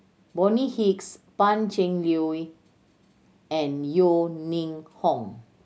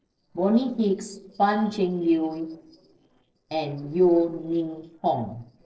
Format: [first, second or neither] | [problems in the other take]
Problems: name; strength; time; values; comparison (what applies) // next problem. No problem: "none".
first | noise reduction (neural separator model SepFormer DNS4)